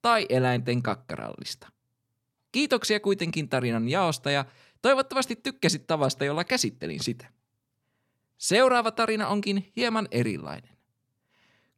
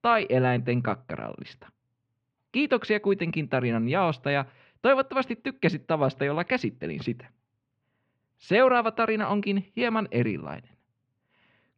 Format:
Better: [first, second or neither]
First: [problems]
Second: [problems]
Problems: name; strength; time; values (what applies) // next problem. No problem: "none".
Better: first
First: none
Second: muffled; very; fading above 3 kHz